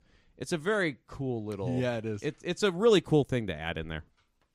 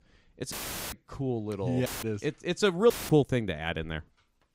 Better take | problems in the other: first | audio cutting out; filled with static; at 0.5 s, at 2 s and at 3 s

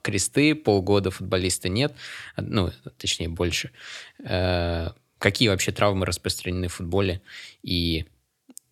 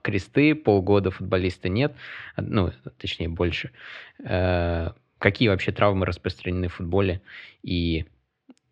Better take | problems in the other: first | muffled; slightly; fading above 3 kHz

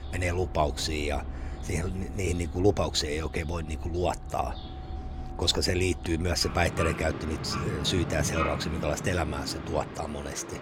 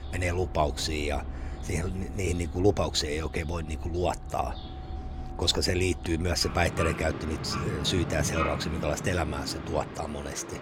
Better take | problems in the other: neither | animal sounds; loud; throughout; 8 dB below the speech; the same in both

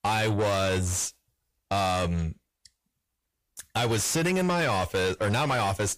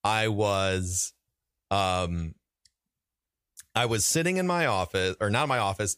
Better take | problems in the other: second | distortion; heavy; 6 dB below the speech

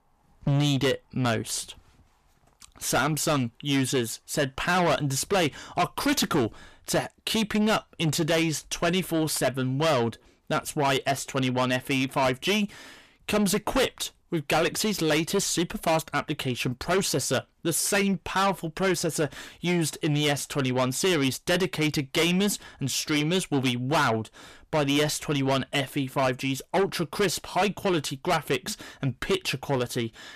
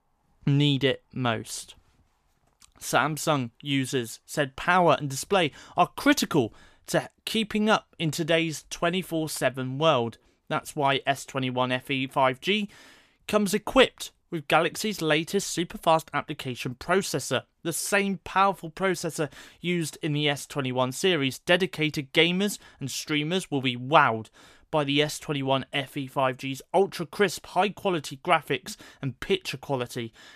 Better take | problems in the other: second | distortion; heavy; 6 dB below the speech

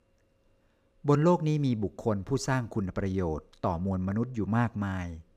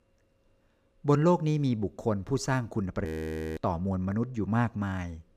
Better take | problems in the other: first | audio freezing; at 3 s for 0.5 s

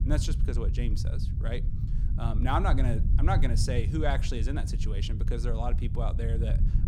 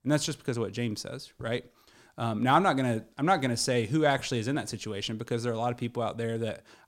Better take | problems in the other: second | low rumble; loud; throughout; 10 dB below the speech

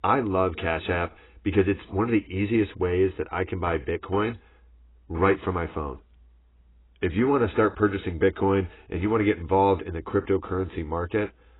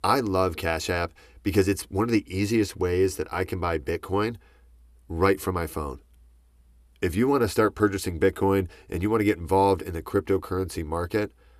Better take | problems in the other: second | garbled, watery; badly; nothing above 4 kHz

